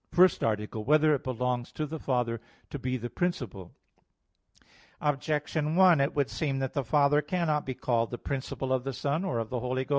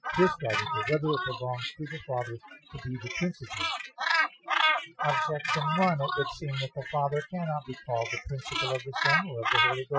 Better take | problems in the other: first | noise reduction (classical method Wiener filter)

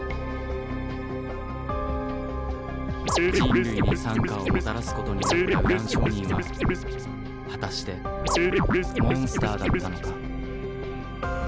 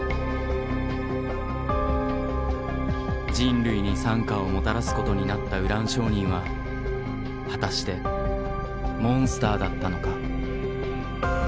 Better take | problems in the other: second | background sound (Scratching (performance technique)); 3 dB above the speech

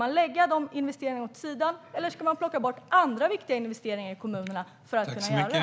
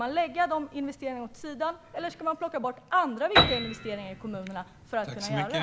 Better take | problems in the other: first | background sound (Piano); 3 dB below the speech

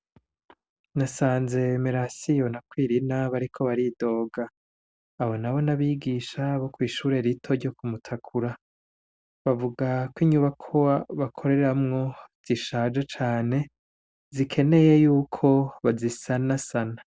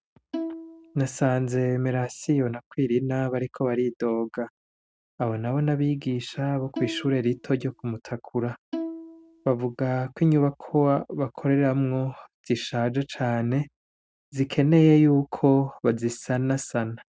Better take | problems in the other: first | noise reduction (neural mask model RNNoise)

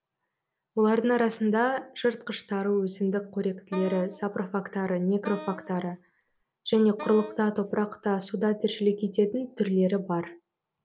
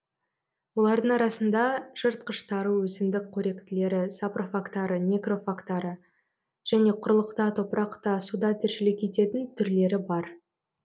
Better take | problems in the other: second | background sound (Wind instrument, woodwind instrument); 16 dB below the speech

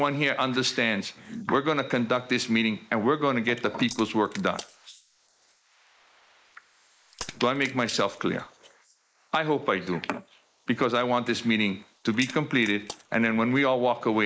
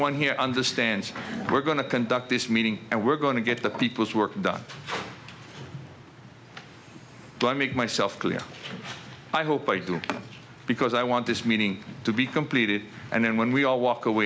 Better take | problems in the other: second | noise reduction (neural mask model Resemble Enhance denoiser)

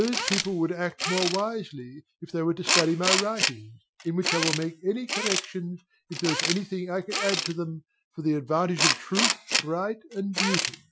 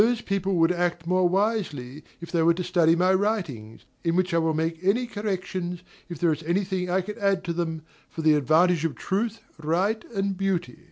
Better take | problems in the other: second | noise reduction (classical method Wiener filter)

